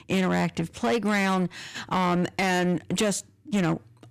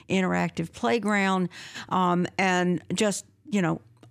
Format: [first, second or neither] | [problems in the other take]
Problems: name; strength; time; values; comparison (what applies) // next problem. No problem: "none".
second | distortion; slight; 12% of the sound clipped